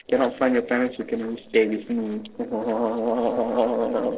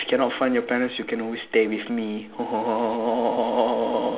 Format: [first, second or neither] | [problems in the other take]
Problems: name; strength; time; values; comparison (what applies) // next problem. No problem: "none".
second | noise reduction (neural separator model SepFormer DNS4)